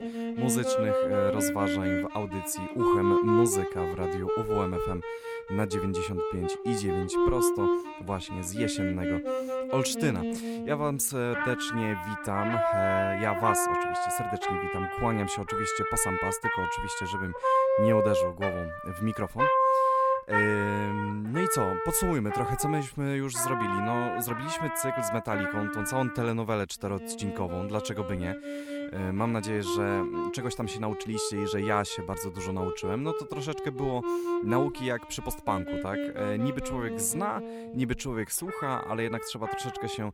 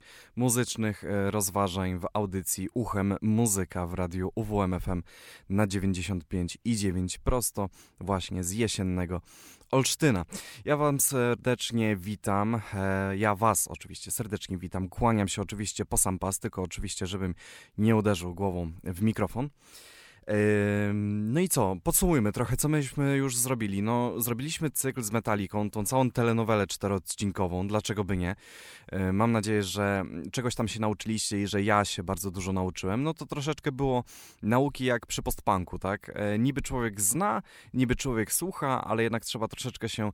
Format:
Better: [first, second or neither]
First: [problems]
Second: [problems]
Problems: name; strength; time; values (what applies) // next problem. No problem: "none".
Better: second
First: background music; very loud; throughout; 2 dB above the speech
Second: none